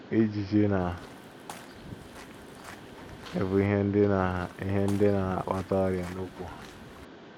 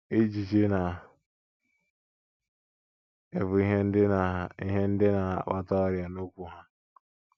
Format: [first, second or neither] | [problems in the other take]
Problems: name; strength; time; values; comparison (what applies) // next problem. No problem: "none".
second | background sound (Mechanisms + Walk, footsteps / Bird vocalization, bird call, bird song); 16 dB below the speech